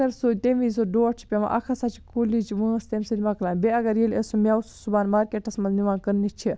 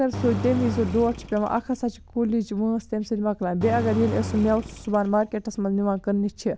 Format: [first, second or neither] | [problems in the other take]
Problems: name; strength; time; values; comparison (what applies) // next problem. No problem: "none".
first | background sound (Engine); 8 dB below the speech